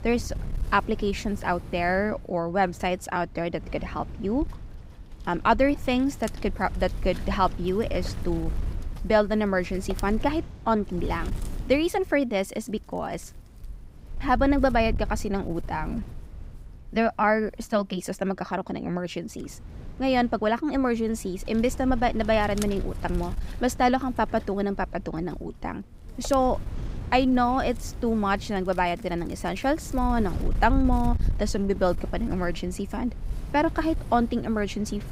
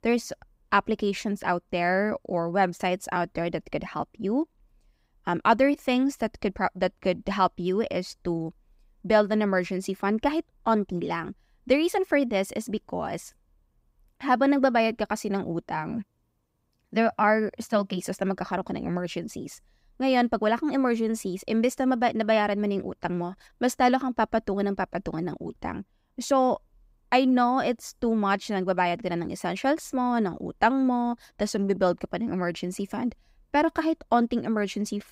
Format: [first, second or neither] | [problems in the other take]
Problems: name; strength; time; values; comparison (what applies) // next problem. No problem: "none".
second | wind noise on the microphone; occasional gusts; 20 dB below the speech